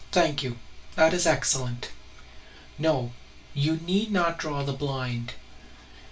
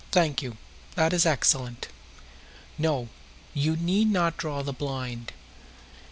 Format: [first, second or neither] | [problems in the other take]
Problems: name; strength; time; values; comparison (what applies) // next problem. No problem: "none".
second | room echo; dies away in 0.2 s